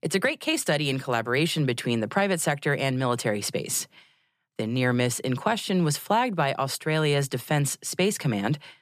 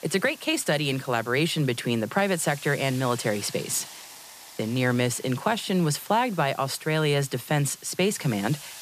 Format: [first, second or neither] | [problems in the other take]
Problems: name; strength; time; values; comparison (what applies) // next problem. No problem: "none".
first | hiss; noticeable; throughout; 15 dB below the speech